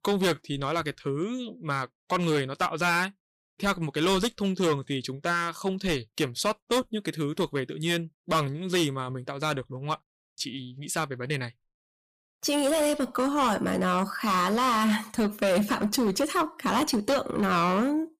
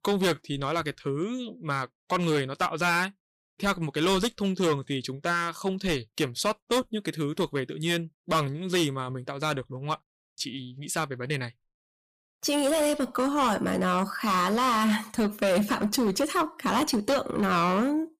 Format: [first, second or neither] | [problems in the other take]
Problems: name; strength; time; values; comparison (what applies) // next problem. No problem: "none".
neither | distortion; heavy; 9% of the sound clipped; the same in both